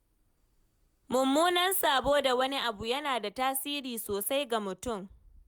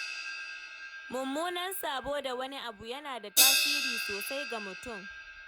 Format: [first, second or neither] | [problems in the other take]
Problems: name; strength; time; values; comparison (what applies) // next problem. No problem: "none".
first | background sound (Crash cymbal); 5 dB above the speech